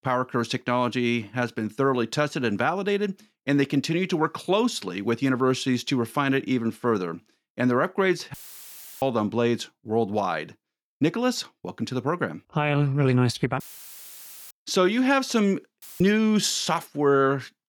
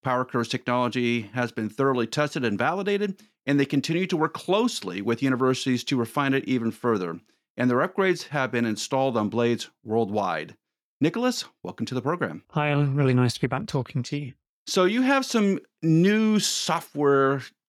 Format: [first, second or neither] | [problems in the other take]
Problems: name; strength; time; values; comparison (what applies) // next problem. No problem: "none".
second | audio cutting out; filled with static; at 8.5 s for 0.5 s, at 14 s for 1 s and at 16 s